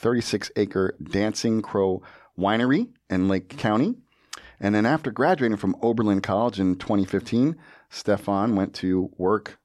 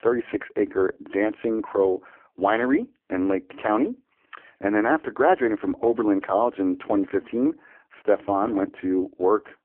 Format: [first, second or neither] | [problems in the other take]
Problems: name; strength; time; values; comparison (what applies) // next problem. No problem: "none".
first | phone-call audio; poor line